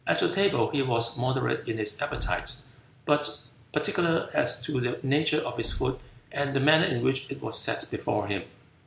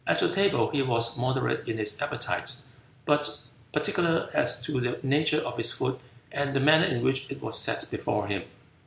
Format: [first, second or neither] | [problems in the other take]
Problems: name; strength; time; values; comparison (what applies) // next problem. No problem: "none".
second | background sound (Thump, thud); 17 dB below the speech